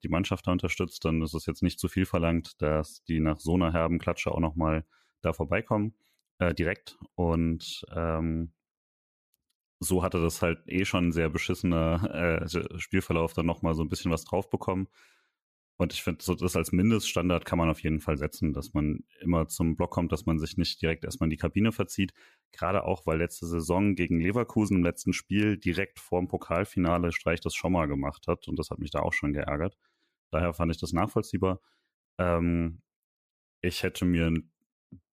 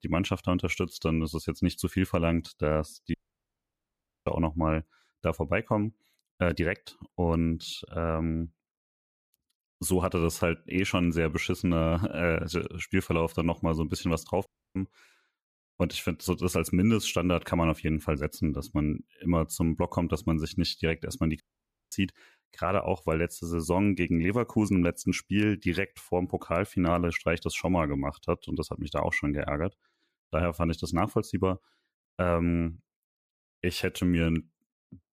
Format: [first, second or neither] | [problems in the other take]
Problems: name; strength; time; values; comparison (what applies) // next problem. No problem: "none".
first | audio cutting out; at 3 s for 1 s, at 14 s and at 21 s for 0.5 s